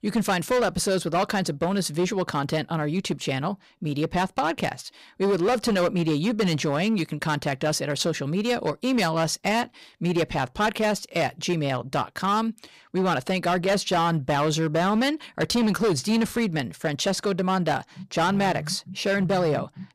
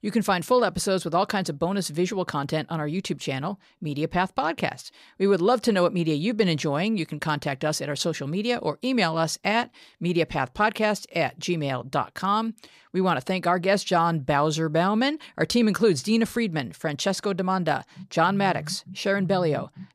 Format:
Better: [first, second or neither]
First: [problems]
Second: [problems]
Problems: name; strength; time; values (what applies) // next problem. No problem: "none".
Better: second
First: distortion; slight; 11% of the sound clipped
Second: none